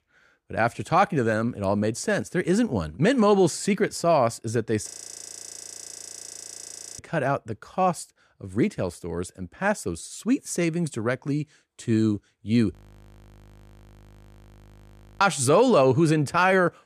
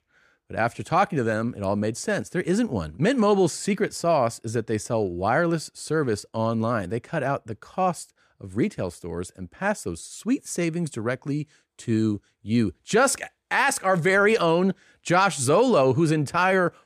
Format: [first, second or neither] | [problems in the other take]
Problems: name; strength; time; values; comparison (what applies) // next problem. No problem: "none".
second | audio freezing; at 5 s for 2 s and at 13 s for 2.5 s